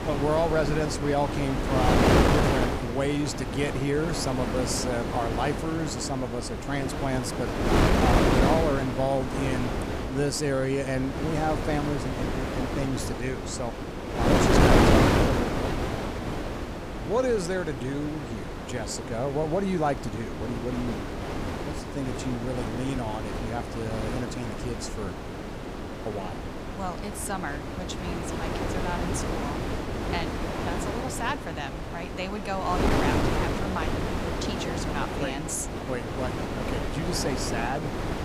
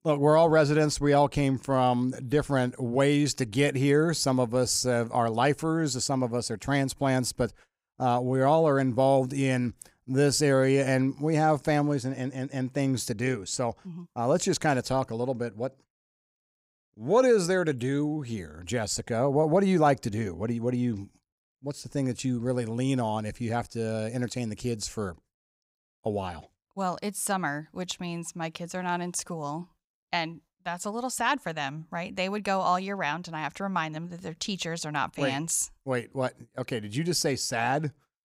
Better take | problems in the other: second | wind noise on the microphone; heavy; 1 dB above the speech

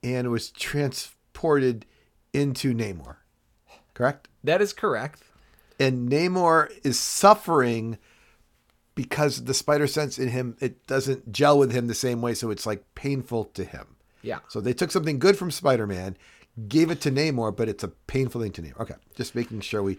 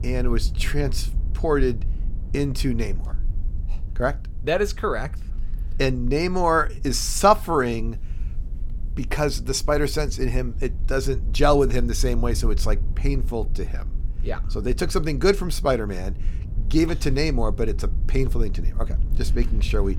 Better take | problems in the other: first | low rumble; faint; throughout; 25 dB below the speech

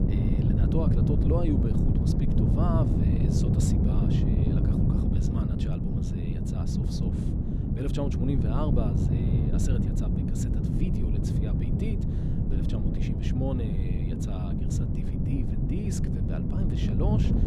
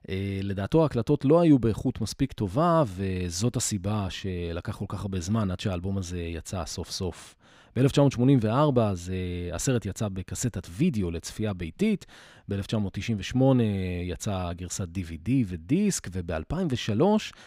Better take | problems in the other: second | wind noise on the microphone; heavy; 3 dB above the speech

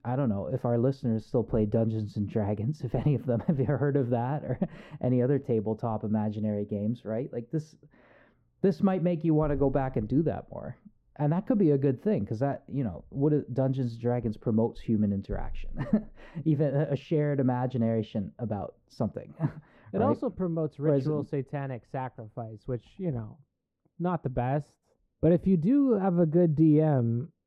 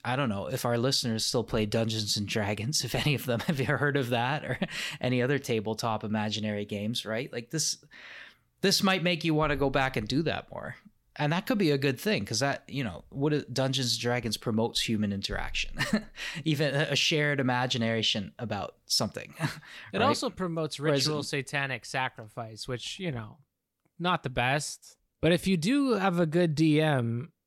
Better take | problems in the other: second | muffled; very; fading above 1.5 kHz

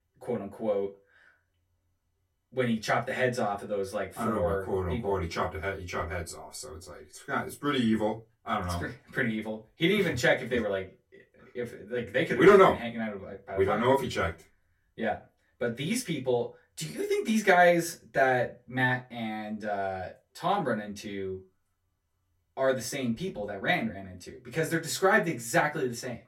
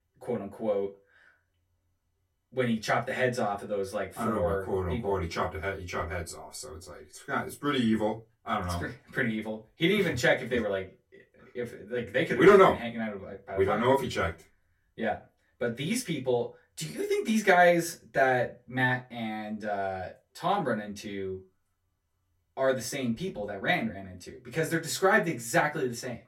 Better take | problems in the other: neither | off-mic speech; far; the same in both // room echo; very slight; dies away in 0.2 s; the same in both

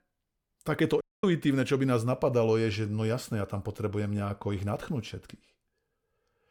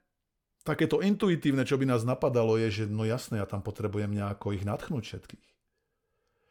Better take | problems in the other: second | audio cutting out; at 1 s

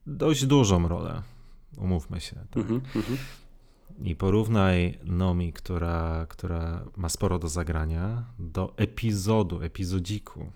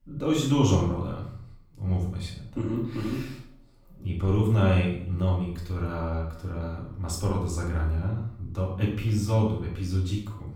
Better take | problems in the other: first | off-mic speech; far // room echo; noticeable; dies away in 0.5 s

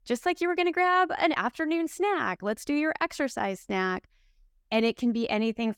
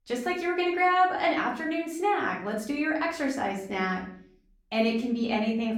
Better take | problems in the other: first | room echo; slight; dies away in 0.5 s // off-mic speech; far

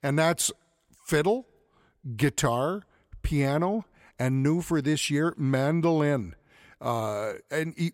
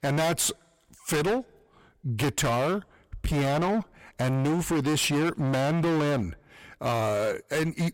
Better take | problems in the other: first | distortion; heavy; 26% of the sound clipped

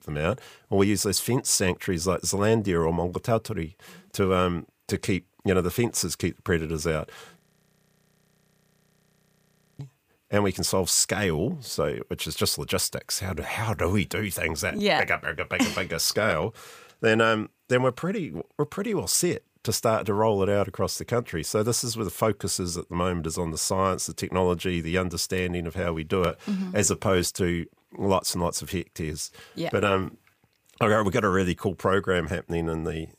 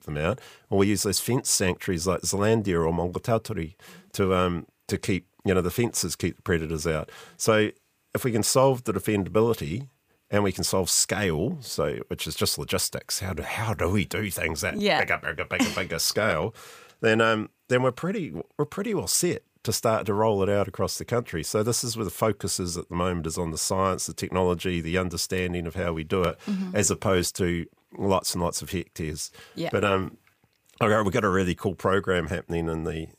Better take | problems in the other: second | audio freezing; at 7.5 s for 2.5 s

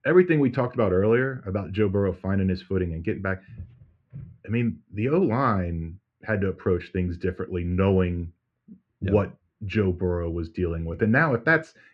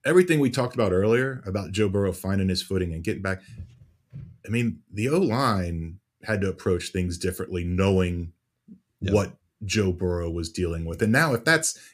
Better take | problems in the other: second | muffled; very; fading above 2.5 kHz

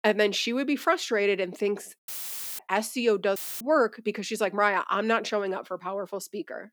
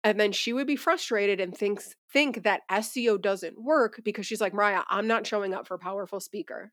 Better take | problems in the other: second | audio cutting out; filled with static; at 2 s for 0.5 s and at 3.5 s

